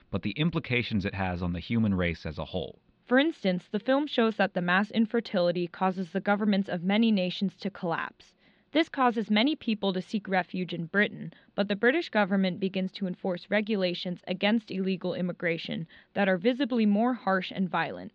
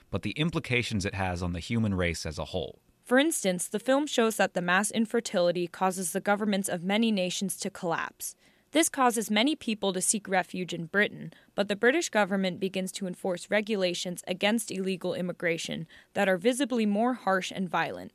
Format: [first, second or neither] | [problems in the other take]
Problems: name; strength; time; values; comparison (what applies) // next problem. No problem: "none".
second | muffled; slightly; fading above 4 kHz